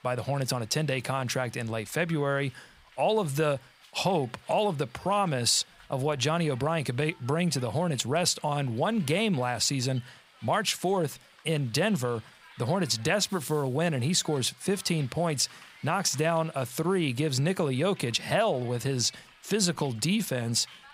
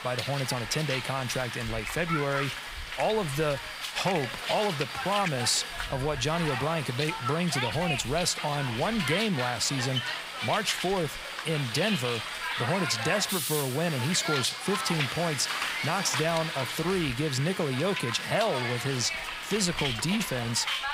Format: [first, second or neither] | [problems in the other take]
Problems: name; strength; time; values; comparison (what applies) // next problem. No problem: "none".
first | hiss; loud; throughout; 3 dB below the speech; faint in the first